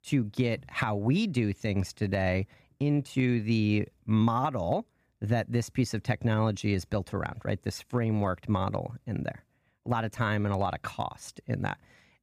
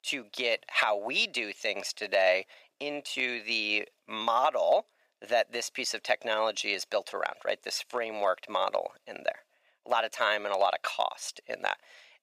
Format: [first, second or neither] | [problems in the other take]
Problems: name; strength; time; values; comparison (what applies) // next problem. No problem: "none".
first | thin; very; fading below 550 Hz